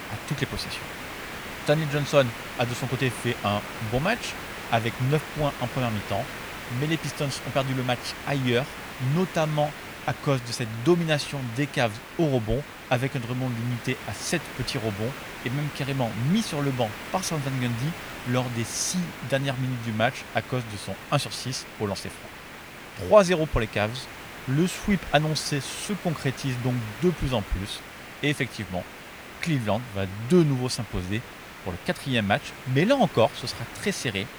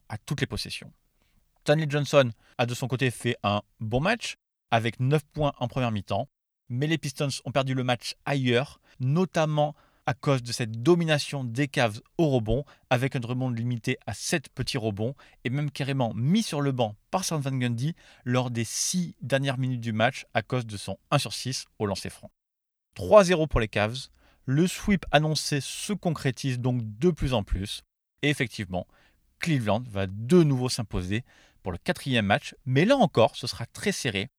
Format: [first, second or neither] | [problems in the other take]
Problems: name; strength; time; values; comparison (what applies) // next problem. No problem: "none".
second | hiss; noticeable; throughout; 10 dB below the speech